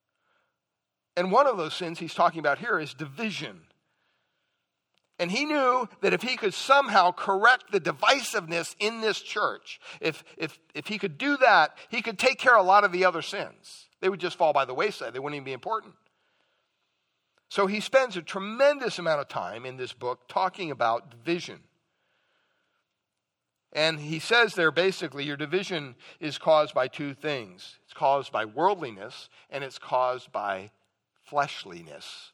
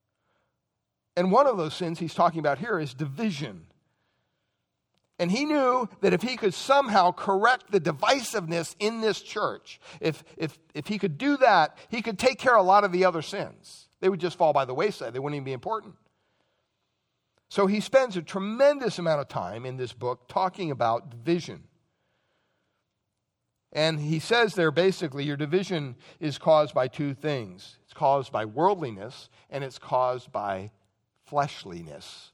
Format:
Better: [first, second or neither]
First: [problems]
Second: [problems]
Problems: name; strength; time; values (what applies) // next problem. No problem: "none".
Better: second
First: thin; very slightly; fading below 650 Hz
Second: none